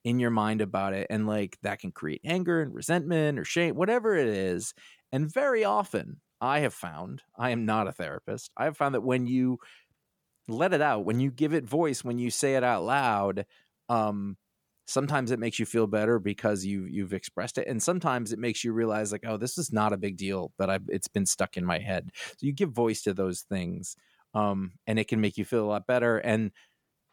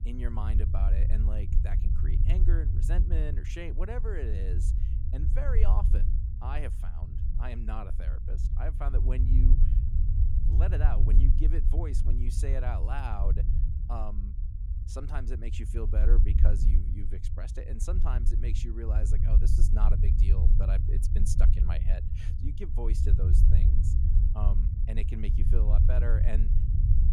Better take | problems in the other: first | low rumble; loud; throughout; 4 dB below the speech

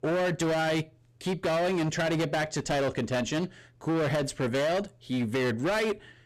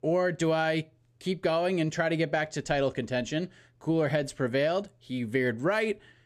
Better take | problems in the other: second | distortion; heavy; 26% of the sound clipped

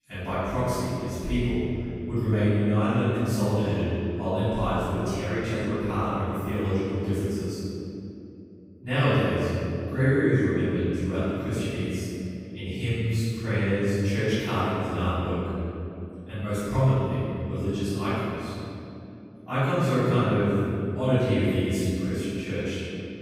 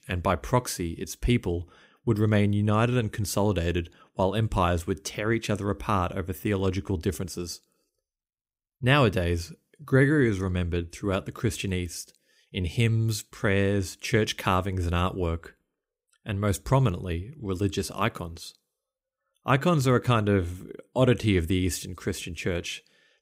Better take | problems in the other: second | off-mic speech; far // room echo; strong; dies away in 2.9 s

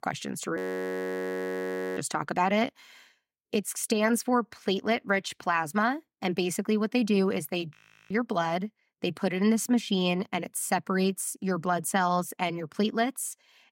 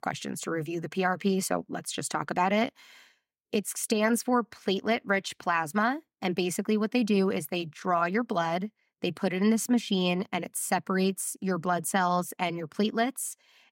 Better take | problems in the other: second | audio freezing; at 0.5 s for 1.5 s and at 8 s

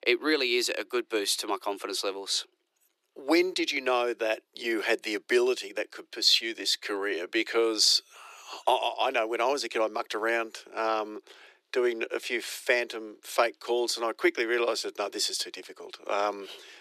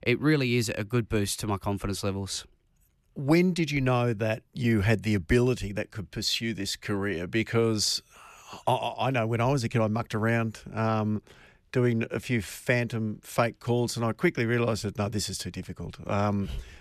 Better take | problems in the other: second | thin; very; fading below 350 Hz

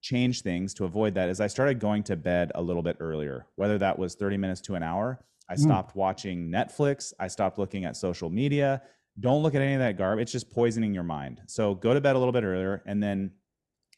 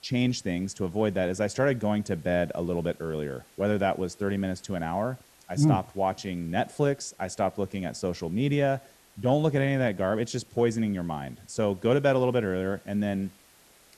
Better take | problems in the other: first | hiss; faint; throughout; 30 dB below the speech

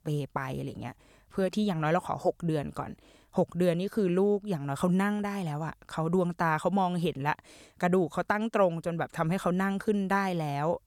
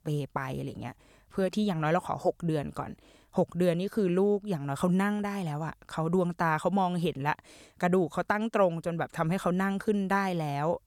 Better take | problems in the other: neither | none

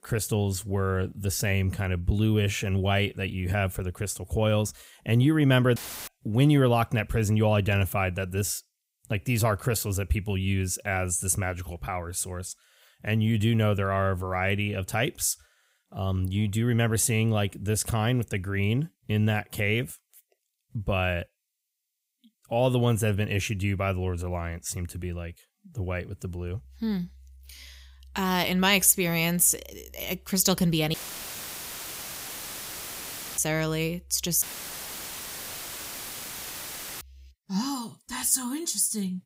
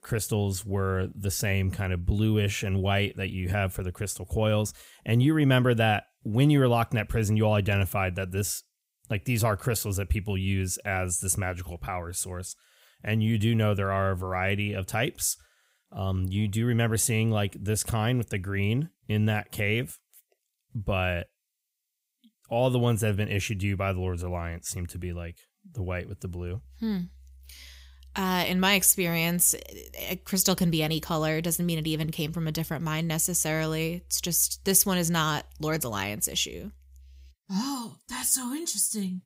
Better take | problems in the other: second | audio cutting out; filled with static; at 6 s, at 31 s for 2.5 s and at 34 s for 2.5 s

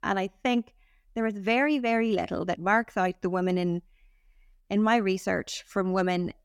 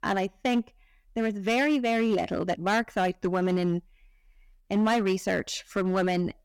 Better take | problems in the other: first | distortion; slight; 7% of the sound clipped

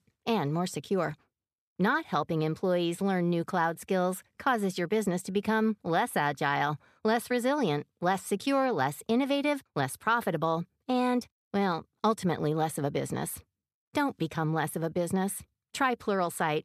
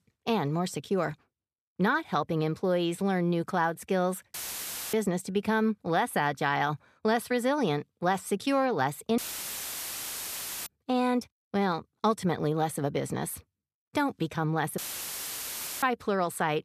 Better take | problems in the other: first | audio cutting out; filled with static; at 4.5 s for 0.5 s, at 9 s for 1.5 s and at 15 s for 1 s

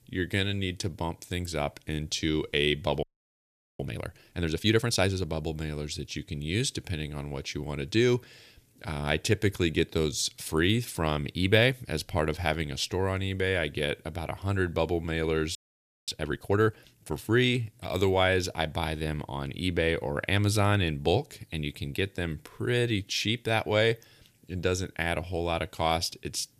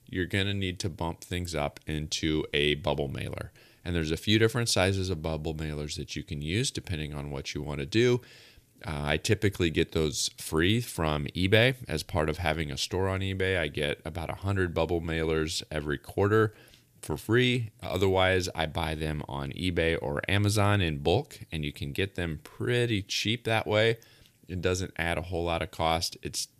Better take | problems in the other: second | audio freezing; at 3 s for 1 s and at 16 s for 0.5 s

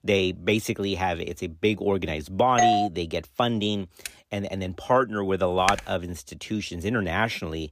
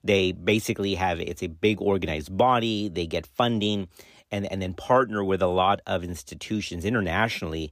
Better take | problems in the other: second | doorbell; loud; at 2.5 s; peak 5 dB above the speech // keyboard typing; faint; at 4 s; peak 15 dB below the speech // keyboard typing; noticeable; at 5.5 s; peak 3 dB below the speech

